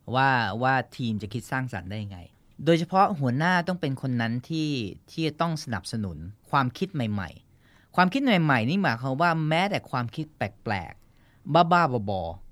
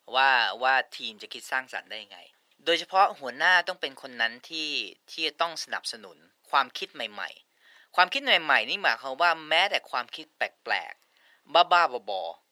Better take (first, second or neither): first